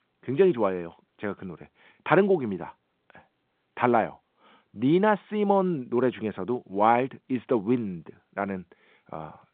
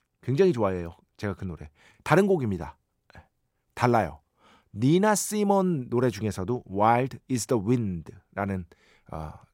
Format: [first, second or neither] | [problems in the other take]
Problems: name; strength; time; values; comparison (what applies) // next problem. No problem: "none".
second | phone-call audio; nothing above 3.5 kHz